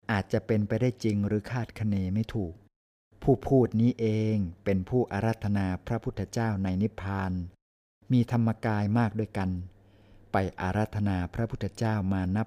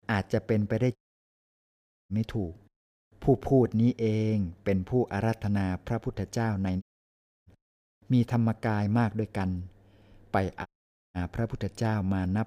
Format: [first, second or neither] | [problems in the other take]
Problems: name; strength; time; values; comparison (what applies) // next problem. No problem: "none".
first | audio cutting out; at 1 s for 1 s, at 7 s for 0.5 s and at 11 s